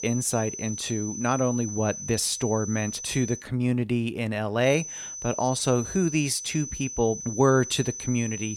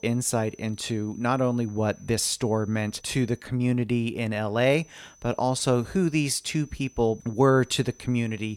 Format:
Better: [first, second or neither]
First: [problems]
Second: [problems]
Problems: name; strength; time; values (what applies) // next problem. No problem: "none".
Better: second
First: high-pitched whine; loud; until 3.5 s and from 4.5 s on; 6 kHz, 8 dB below the speech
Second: high-pitched whine; faint; until 3.5 s and from 4.5 s on; 6 kHz, 30 dB below the speech